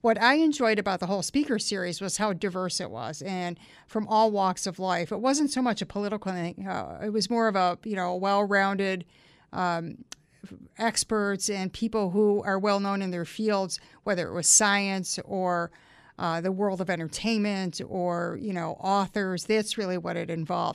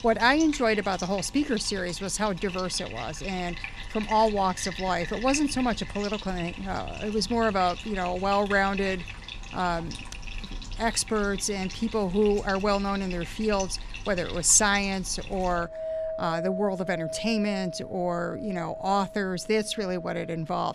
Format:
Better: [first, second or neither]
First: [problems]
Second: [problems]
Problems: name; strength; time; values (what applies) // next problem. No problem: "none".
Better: first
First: none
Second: household noises; noticeable; throughout; 10 dB below the speech